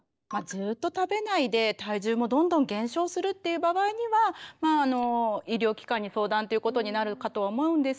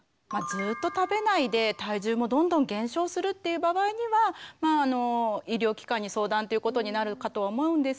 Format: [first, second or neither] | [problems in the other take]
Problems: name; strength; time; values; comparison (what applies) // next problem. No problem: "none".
second | noise reduction (neural mask model DeepFilterNet 3)